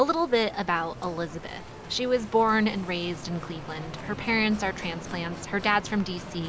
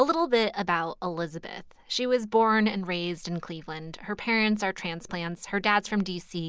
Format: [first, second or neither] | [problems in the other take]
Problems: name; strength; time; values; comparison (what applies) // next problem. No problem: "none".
second | background sound (Bicycle); 13 dB below the speech